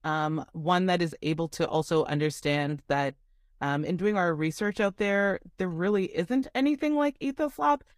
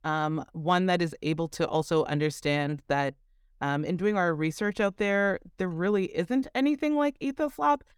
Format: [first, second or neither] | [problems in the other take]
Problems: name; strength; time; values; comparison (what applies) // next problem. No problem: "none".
second | garbled, watery; slightly; nothing above 15 kHz